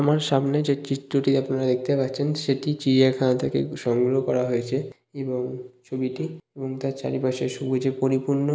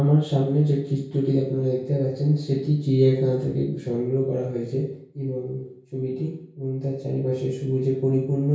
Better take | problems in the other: first | room echo; dies away in 0.6 s

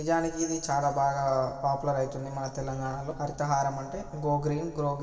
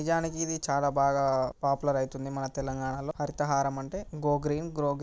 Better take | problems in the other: second | room echo; dies away in 2.3 s

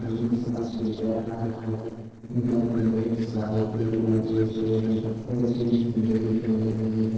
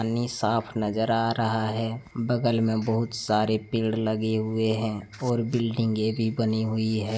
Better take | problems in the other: second | noise reduction (neural separator model SepFormer DNS4)

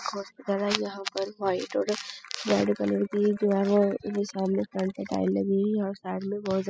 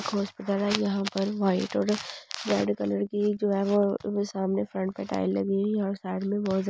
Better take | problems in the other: second | noise reduction (classical method spectral subtraction)

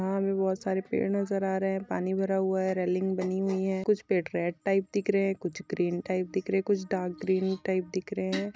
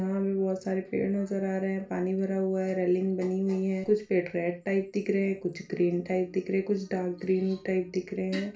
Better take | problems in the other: first | room echo; dies away in 0.3 s

